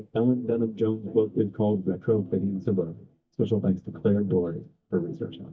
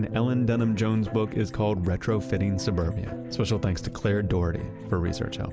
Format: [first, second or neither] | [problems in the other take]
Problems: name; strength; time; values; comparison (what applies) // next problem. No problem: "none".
second | noise reduction (neural mask model DeepFilterNet 3)